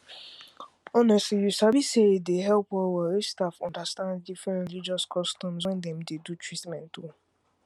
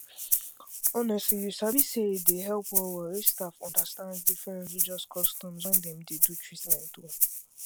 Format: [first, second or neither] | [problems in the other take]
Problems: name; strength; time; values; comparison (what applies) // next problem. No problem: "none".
first | background sound (Rattle (instrument)); 5 dB above the speech